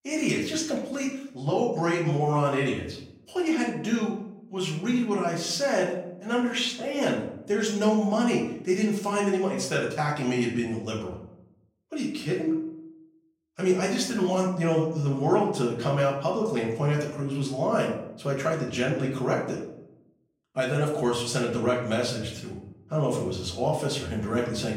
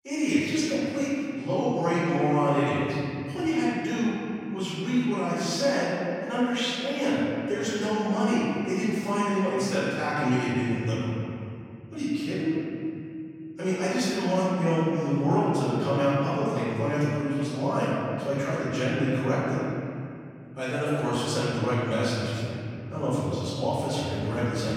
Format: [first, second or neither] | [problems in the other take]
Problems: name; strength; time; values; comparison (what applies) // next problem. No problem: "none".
first | room echo; strong; dies away in 3 s; slight in the first // off-mic speech; far; far in the first